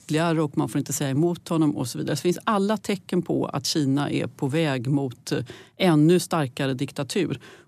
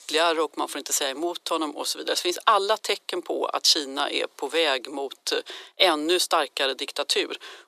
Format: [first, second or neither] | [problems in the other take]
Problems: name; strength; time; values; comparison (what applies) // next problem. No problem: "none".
first | thin; very; fading below 400 Hz